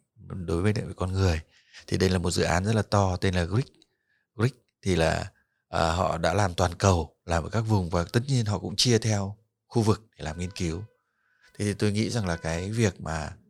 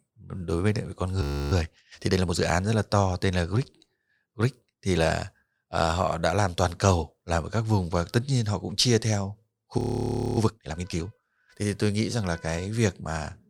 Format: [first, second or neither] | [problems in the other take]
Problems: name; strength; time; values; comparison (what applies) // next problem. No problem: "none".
first | audio freezing; at 1 s and at 10 s for 0.5 s